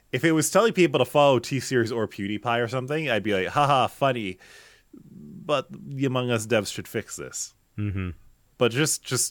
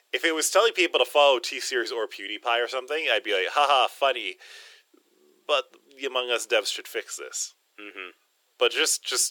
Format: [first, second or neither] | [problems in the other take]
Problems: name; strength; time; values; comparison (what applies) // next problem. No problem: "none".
first | thin; very; fading below 400 Hz